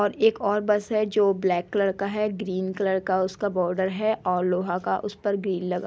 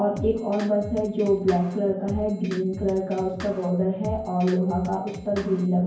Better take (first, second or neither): first